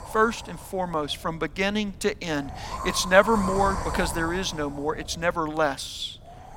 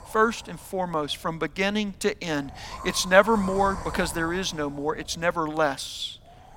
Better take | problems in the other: second | wind noise on the microphone; heavy; 8 dB below the speech; occasional gusts in the second

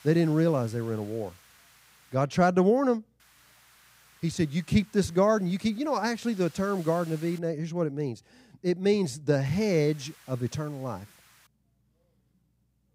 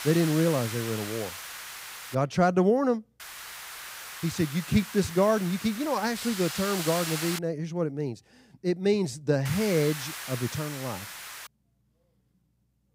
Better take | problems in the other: first | hiss; loud; until 2 s, from 3 to 7.5 s and from 9.5 to 11 s; 9 dB below the speech; faint in the first

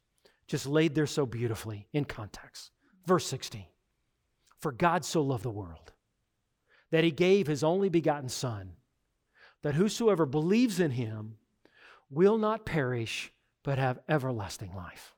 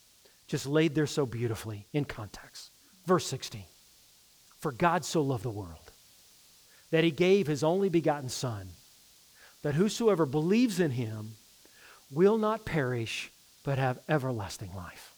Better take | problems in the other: first | hiss; faint; throughout; 25 dB below the speech

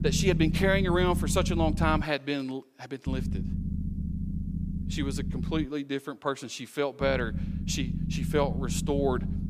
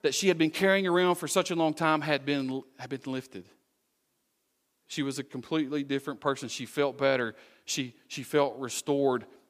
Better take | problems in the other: second | low rumble; noticeable; until 2 s, from 3 to 5.5 s and from 7 s on; 10 dB below the speech

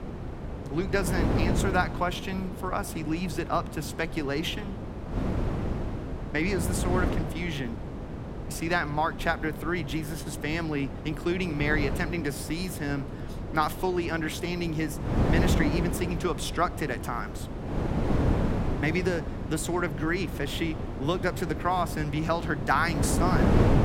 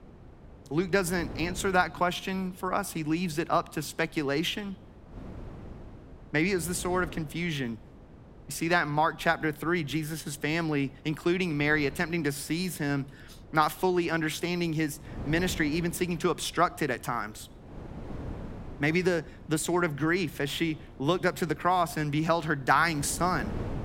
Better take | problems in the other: second | wind noise on the microphone; heavy; 7 dB below the speech; occasional gusts in the second

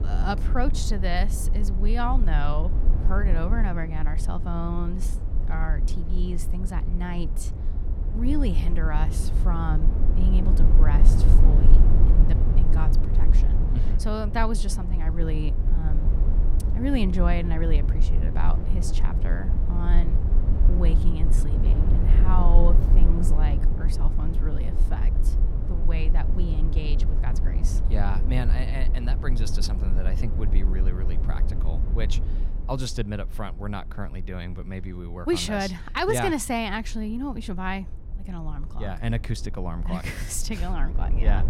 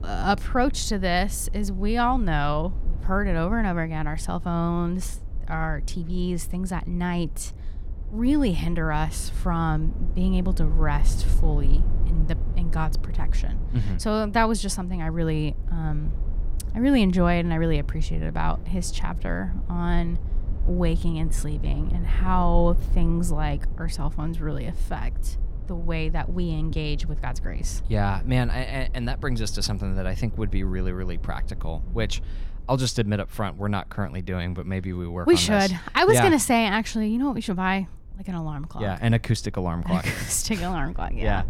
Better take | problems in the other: second | low rumble; loud; throughout; 8 dB below the speech; faint in the second

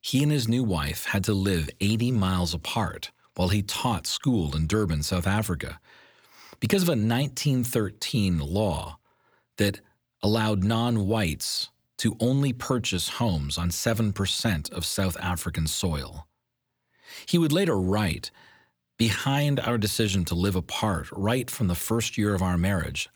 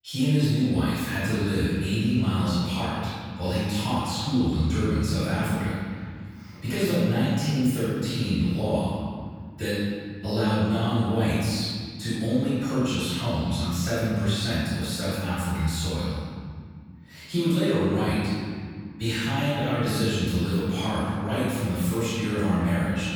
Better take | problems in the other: first | off-mic speech; far // room echo; strong; dies away in 1.9 s

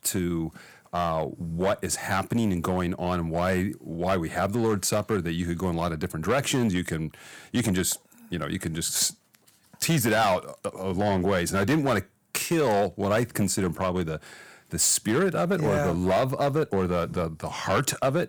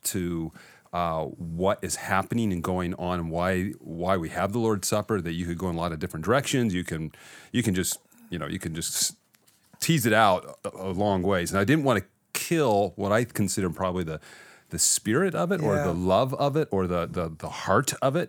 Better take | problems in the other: second | distortion; slight; 6% of the sound clipped

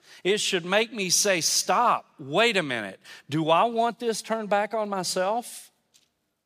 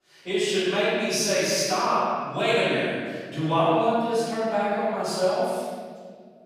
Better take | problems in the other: first | off-mic speech; far // room echo; strong; dies away in 1.8 s

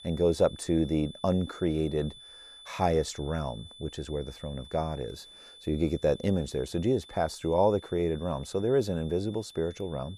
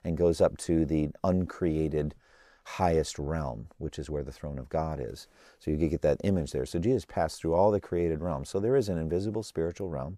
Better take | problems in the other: second | high-pitched whine; noticeable; throughout; 3.5 kHz, 20 dB below the speech

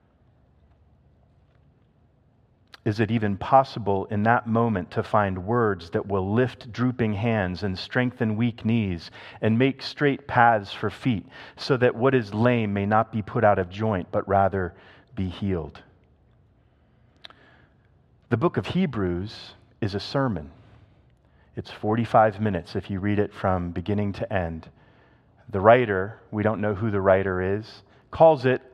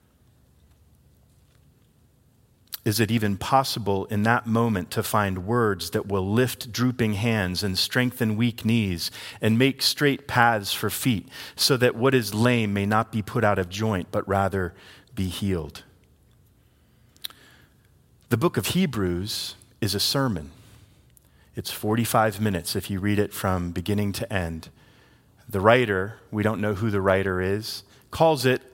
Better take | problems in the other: second | muffled; very; fading above 2.5 kHz

